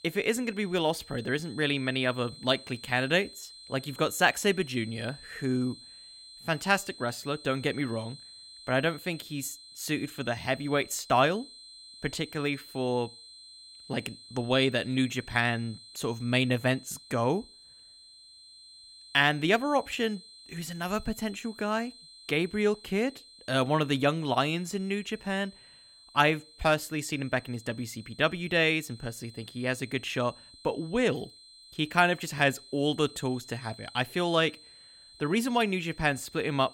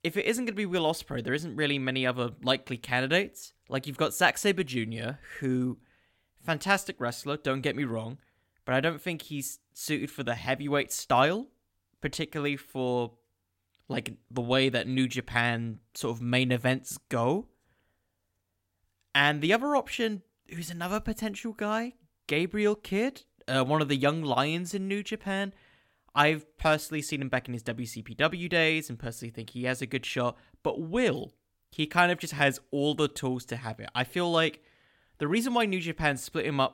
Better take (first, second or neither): second